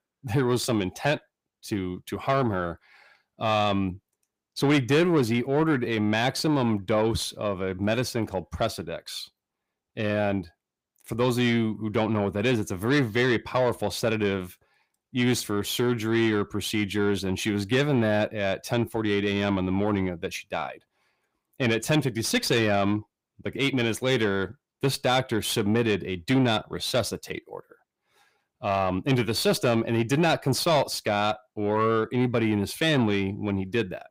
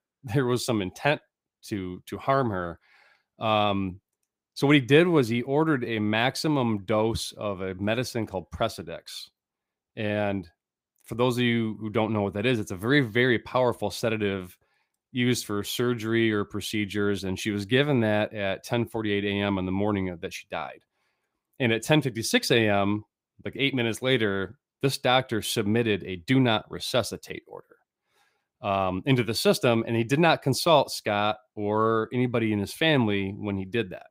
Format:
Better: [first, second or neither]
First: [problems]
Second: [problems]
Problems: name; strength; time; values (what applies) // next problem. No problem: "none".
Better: second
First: distortion; slight; 10 dB below the speech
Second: none